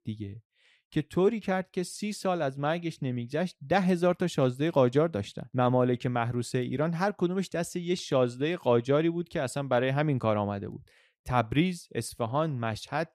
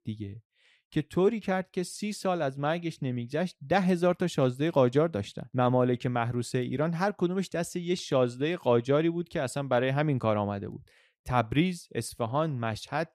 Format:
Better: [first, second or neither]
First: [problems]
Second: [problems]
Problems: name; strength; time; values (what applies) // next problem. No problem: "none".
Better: neither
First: none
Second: none